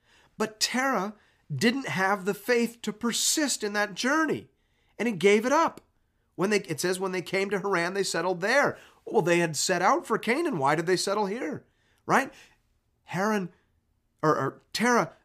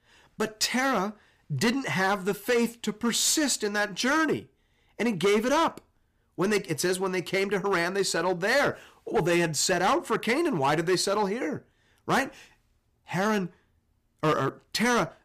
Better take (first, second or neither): first